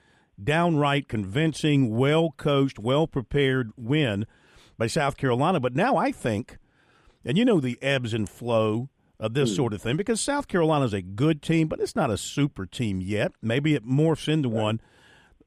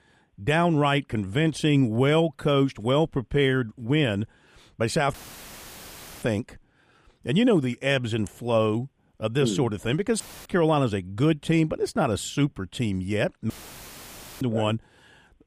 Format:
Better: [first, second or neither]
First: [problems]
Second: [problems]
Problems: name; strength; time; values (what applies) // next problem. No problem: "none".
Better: first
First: none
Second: audio cutting out; filled with static; at 5 s for 1 s, at 10 s and at 14 s for 1 s